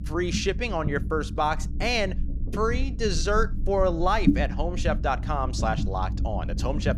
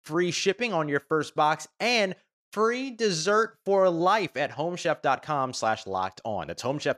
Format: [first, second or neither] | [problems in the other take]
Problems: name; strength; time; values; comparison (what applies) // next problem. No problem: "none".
second | low rumble; noticeable; throughout; 15 dB below the speech